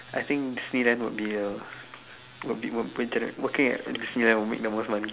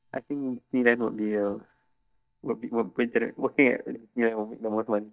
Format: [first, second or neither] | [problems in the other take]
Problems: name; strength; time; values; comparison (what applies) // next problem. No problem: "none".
first | noise reduction (neural mask model DeepFilterNet 3)